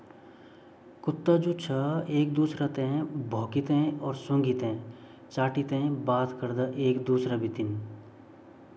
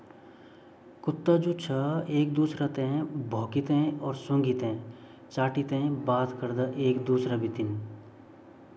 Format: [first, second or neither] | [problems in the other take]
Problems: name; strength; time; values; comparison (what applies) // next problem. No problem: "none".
first | background sound (Bowed string instrument); 18 dB below the speech